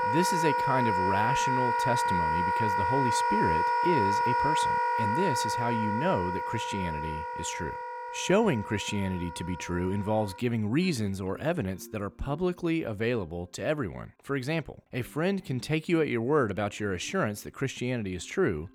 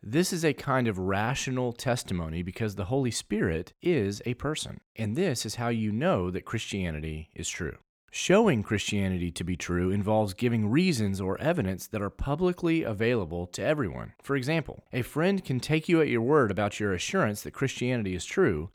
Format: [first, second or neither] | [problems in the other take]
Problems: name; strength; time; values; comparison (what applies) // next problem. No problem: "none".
second | background music; very loud; throughout; 2 dB above the speech